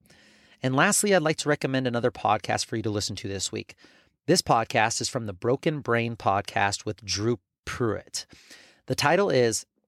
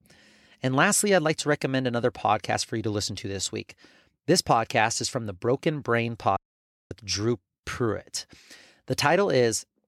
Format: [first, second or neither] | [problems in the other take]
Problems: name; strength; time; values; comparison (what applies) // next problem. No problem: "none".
first | audio cutting out; at 6.5 s for 0.5 s